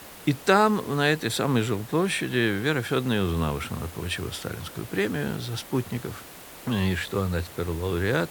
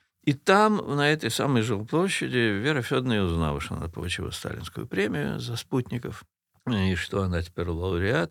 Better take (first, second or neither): second